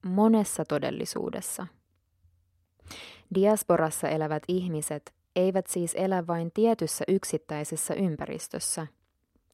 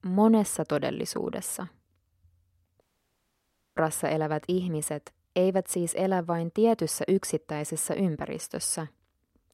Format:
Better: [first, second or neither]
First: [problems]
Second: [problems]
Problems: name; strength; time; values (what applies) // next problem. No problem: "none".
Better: first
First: none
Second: audio cutting out; at 3 s for 1 s